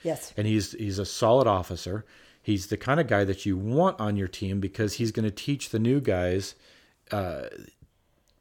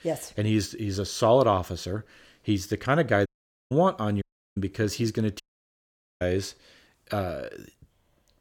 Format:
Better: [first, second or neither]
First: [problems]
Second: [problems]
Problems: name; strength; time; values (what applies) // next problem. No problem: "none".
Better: first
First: none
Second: audio cutting out; at 3.5 s, at 4 s and at 5.5 s for 1 s